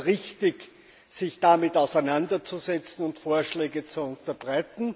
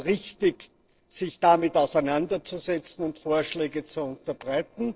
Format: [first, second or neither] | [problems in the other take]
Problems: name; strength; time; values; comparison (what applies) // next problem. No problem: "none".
first | noise reduction (neural separator model SepFormer DNS4)